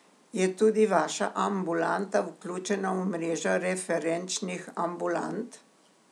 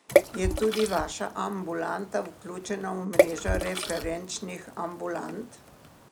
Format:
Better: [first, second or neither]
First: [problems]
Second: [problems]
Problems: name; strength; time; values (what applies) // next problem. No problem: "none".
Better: first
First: none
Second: background sound (Water / Splash, splatter); 1 dB above the speech